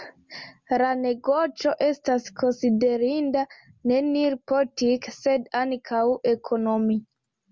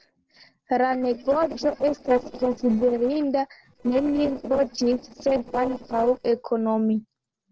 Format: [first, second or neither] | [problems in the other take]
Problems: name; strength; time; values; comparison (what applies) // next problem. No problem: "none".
first | noise reduction (neural separator model SepFormer DNS4)